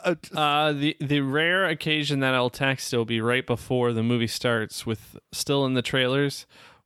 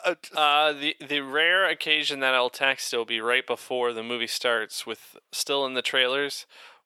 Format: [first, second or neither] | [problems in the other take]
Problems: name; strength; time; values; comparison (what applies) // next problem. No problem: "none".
first | thin; somewhat; fading below 550 Hz